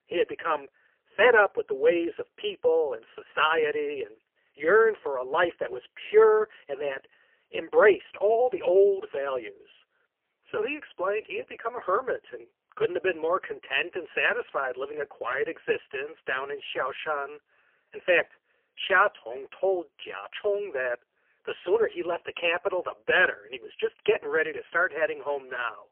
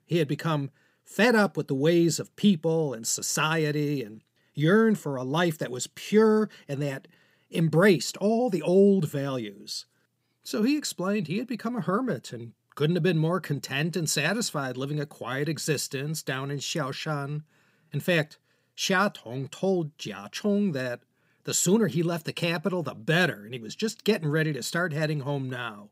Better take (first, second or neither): second